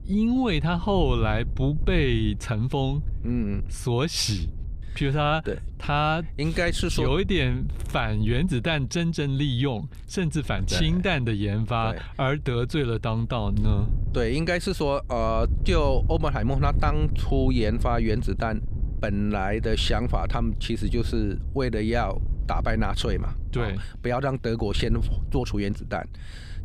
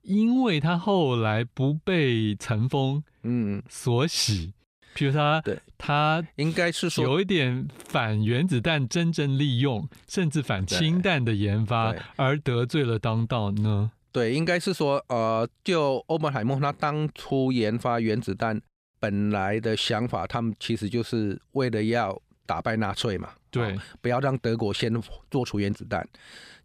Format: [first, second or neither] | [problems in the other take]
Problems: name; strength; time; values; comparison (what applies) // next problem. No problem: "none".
second | wind noise on the microphone; occasional gusts; 20 dB below the speech